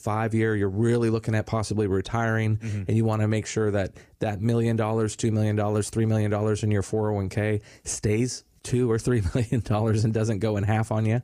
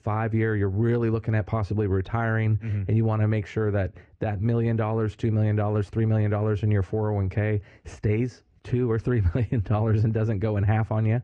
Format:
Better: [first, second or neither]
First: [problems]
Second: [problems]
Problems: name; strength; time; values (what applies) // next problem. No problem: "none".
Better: first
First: none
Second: muffled; very; fading above 2 kHz